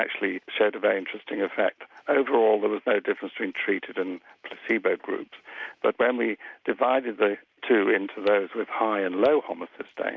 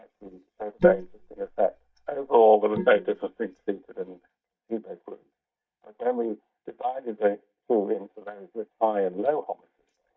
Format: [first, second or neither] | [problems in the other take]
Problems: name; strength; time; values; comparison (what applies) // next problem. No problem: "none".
first | noise reduction (neural mask model DeepFilterNet 3)